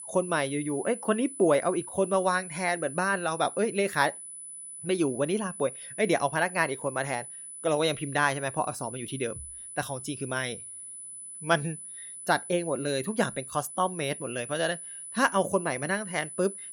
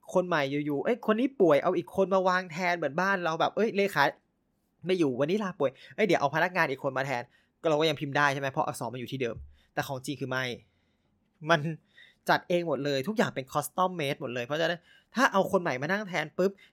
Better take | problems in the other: second | high-pitched whine; noticeable; throughout; 10 kHz, 10 dB below the speech

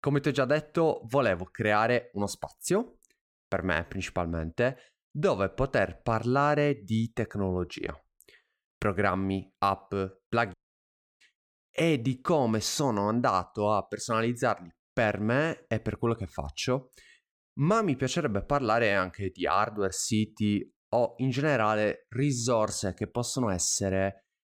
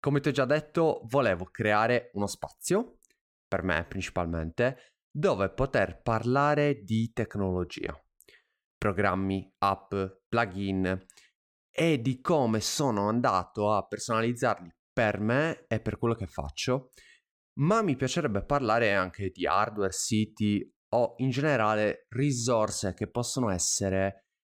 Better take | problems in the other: second | audio cutting out; at 11 s for 0.5 s

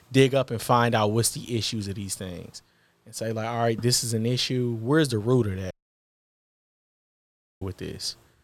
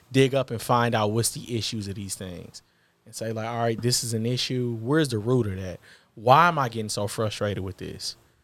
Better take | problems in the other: second | audio cutting out; at 5.5 s for 2 s

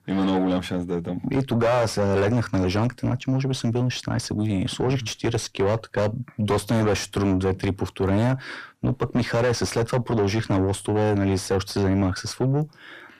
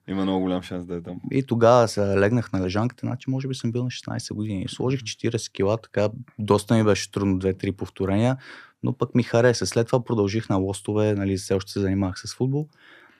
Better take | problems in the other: second | distortion; heavy; 5 dB below the speech

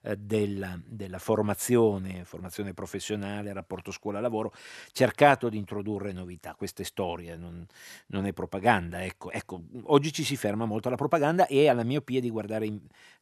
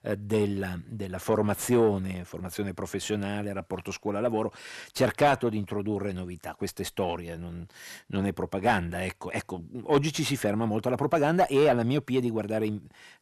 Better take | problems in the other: first | distortion; slight; 10 dB below the speech

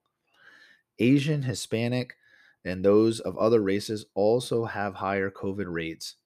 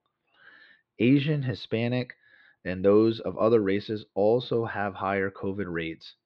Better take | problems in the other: first | muffled; slightly; fading above 4 kHz

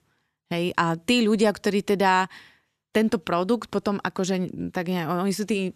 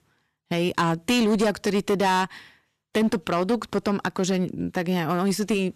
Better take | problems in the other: first | distortion; slight; 8% of the sound clipped

